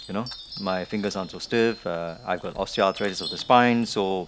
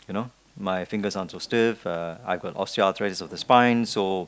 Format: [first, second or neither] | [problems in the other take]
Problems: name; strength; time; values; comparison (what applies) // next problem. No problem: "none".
second | background sound (Chime); 17 dB below the speech